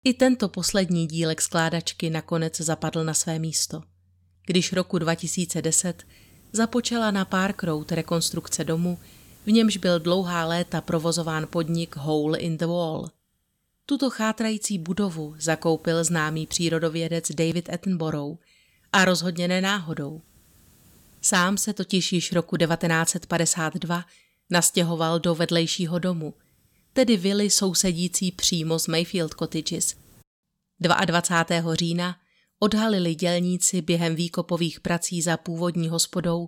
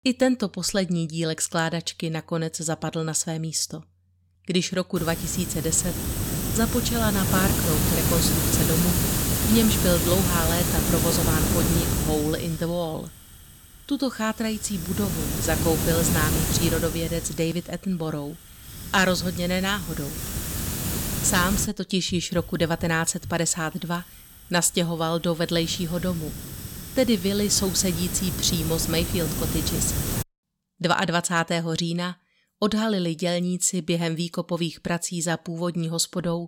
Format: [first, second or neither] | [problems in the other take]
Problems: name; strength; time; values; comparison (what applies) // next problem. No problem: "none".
first | hiss; loud; from 5 to 30 s; as loud as the speech; faint in the first